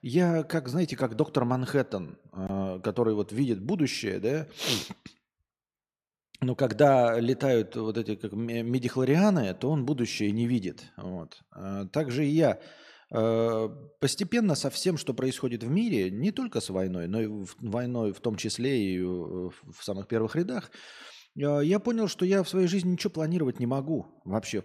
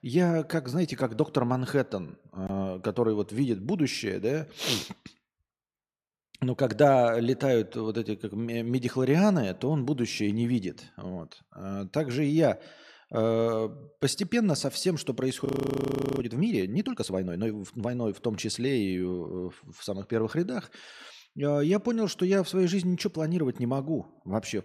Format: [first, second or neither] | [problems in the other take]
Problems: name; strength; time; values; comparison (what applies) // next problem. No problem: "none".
first | audio freezing; at 15 s for 0.5 s